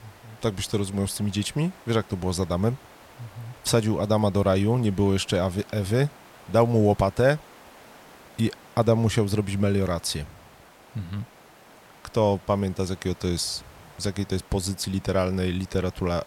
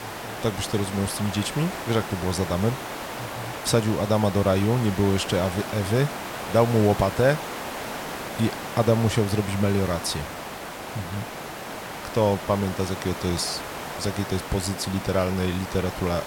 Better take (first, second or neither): first